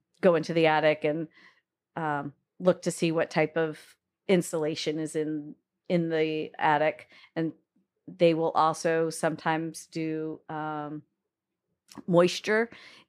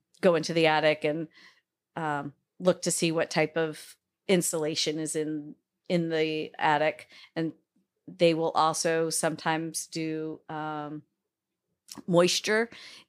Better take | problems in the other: second | muffled; slightly; fading above 3 kHz

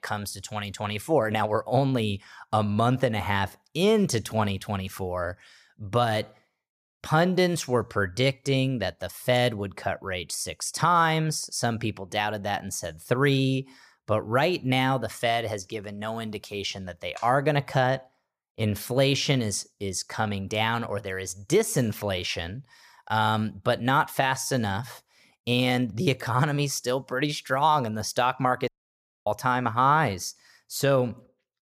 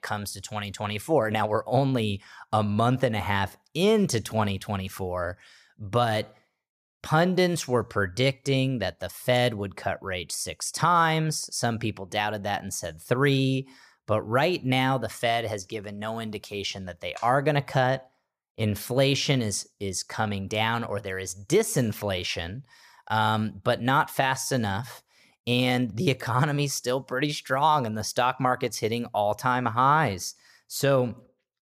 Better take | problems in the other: second | audio cutting out; at 29 s for 0.5 s

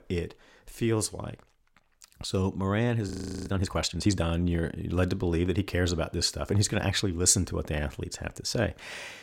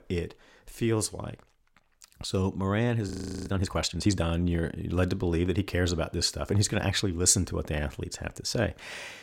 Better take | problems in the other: neither | audio freezing; at 3 s; the same in both

